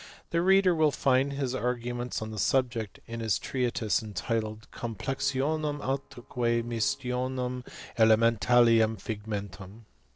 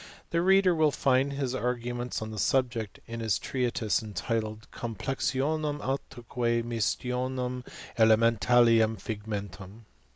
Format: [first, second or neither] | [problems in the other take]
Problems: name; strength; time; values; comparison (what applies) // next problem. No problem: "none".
second | noise reduction (neural separator model SepFormer DNS4)